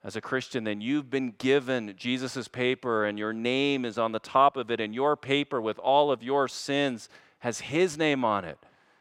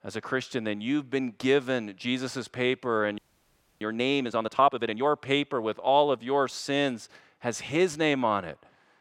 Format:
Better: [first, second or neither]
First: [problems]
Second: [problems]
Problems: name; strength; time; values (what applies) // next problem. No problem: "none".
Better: first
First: none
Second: audio freezing; at 3 s for 0.5 s